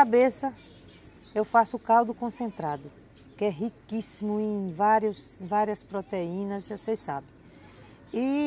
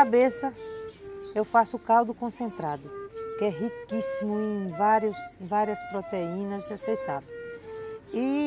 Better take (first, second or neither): first